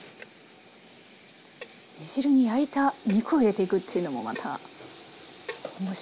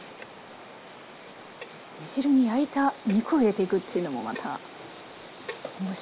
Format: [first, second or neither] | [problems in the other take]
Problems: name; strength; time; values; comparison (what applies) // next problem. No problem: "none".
first | background sound (Stream); 18 dB below the speech